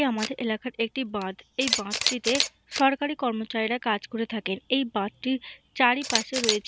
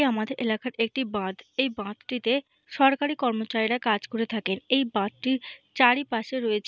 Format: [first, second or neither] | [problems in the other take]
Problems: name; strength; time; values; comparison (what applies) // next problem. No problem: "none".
second | background sound (Camera); 6 dB below the speech